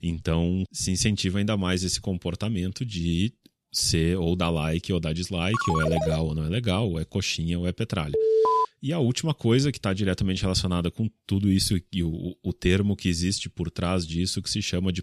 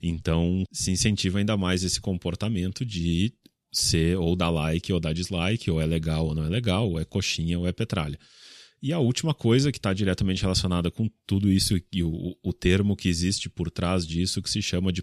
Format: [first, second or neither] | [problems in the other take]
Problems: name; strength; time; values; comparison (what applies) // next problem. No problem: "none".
second | phone ringing; noticeable; at 5.5 s; peak 1 dB below the speech // alarm; loud; at 8 s; peak 5 dB above the speech